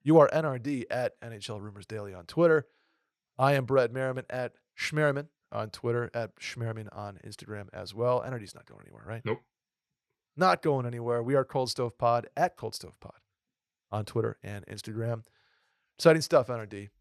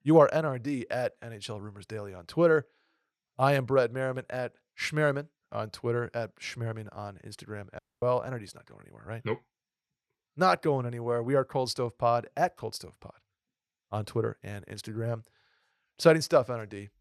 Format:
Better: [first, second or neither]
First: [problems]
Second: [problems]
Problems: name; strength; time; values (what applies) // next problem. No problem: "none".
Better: first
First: none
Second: audio cutting out; at 8 s